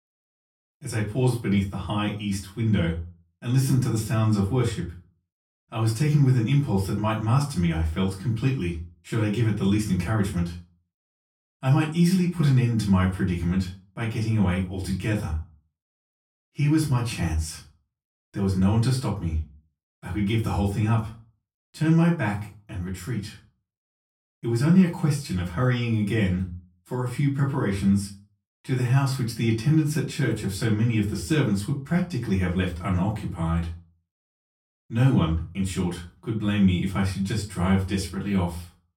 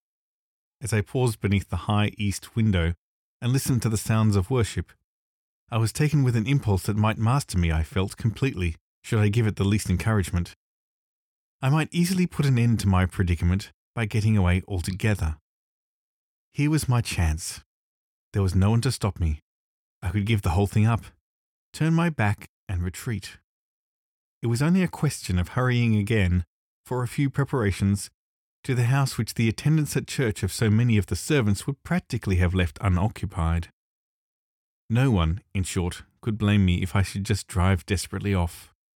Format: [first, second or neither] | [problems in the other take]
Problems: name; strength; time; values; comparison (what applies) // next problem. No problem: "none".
second | off-mic speech; far // room echo; slight; dies away in 0.3 s